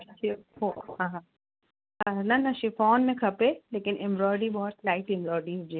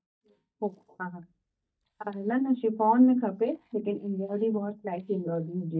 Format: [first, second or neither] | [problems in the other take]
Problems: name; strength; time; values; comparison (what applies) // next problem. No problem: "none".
first | noise reduction (neural mask model DeepFilterNet 3)